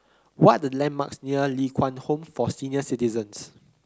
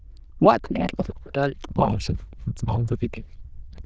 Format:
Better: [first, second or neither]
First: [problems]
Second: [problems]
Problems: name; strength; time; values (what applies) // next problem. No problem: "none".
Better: first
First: none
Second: noise reduction (neural diffusion model UNIVERSE++)